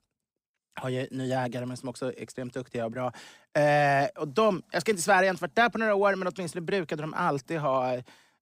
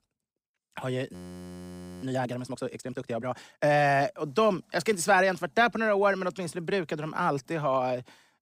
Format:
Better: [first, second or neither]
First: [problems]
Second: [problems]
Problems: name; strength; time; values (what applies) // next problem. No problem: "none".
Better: first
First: none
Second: audio freezing; at 1 s for 1 s